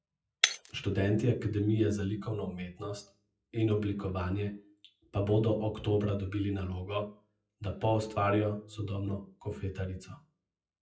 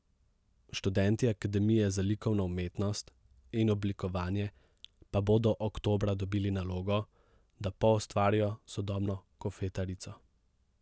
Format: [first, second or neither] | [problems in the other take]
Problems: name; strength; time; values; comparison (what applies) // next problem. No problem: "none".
second | noise reduction (classical method WPE with log-MMSE)